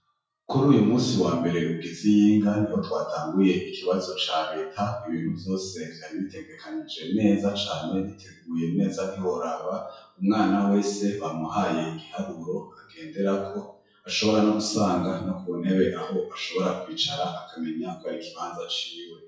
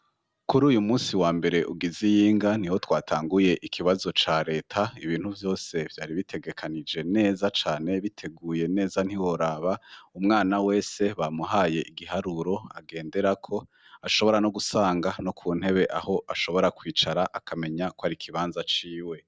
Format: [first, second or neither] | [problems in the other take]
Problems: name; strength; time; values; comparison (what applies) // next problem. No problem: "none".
second | noise reduction (classical method WPE with log-MMSE)